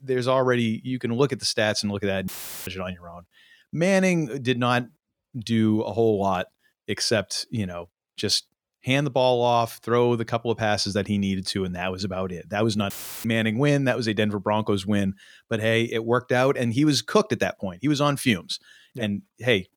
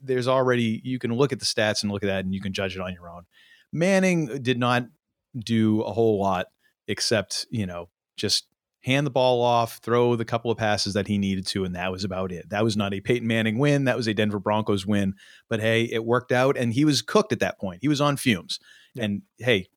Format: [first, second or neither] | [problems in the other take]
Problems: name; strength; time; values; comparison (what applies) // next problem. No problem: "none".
second | audio cutting out; filled with static; at 2.5 s and at 13 s